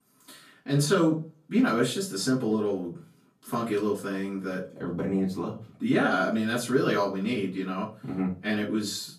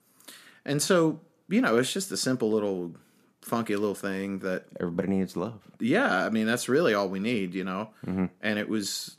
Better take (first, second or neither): second